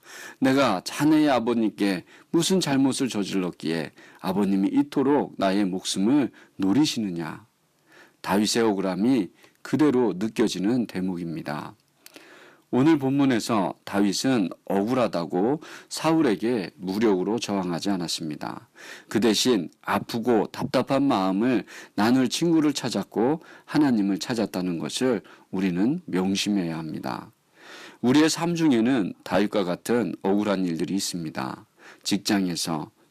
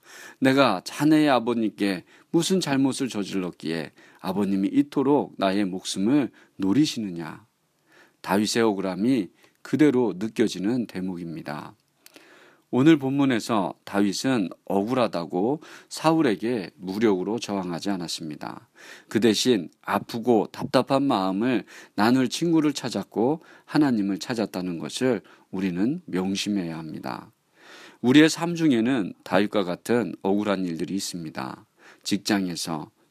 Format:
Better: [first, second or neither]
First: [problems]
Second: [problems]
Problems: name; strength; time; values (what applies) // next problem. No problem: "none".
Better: second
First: distortion; slight; 10 dB below the speech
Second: none